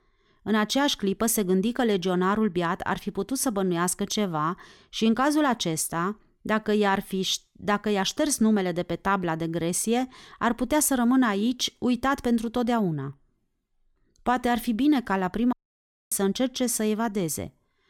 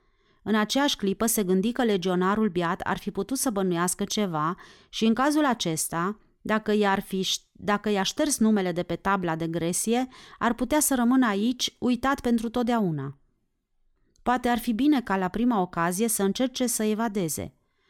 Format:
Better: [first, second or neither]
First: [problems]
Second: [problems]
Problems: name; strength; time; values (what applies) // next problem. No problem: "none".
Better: second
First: audio cutting out; at 16 s for 0.5 s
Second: none